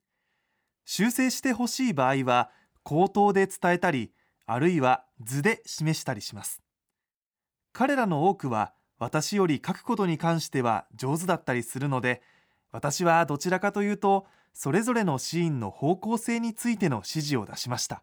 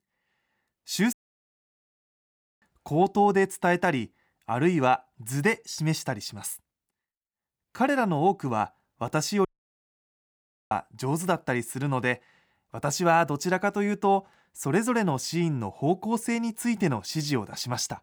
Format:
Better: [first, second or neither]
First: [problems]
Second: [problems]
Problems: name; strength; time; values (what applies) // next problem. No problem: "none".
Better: first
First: none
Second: audio cutting out; at 1 s for 1.5 s and at 9.5 s for 1.5 s